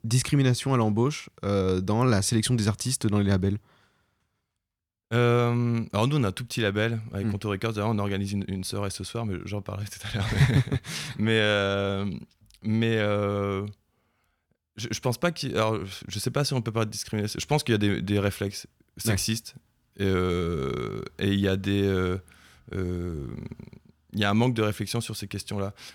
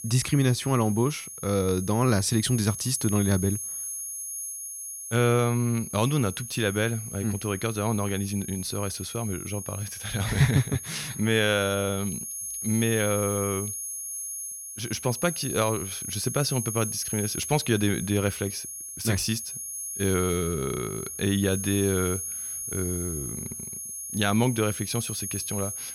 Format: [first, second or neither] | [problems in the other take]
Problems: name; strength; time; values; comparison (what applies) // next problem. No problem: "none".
first | high-pitched whine; loud; throughout; 10.5 kHz, 6 dB below the speech